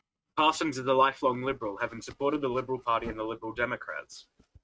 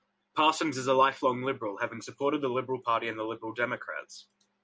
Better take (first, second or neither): second